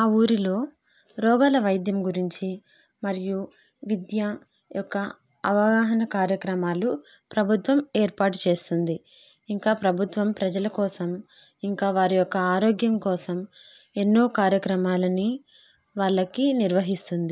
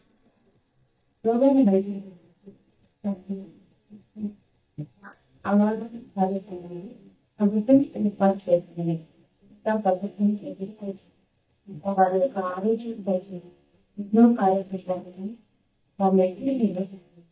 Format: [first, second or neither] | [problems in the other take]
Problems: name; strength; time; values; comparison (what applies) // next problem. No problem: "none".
first | noise reduction (neural mask model DeepFilterNet 3)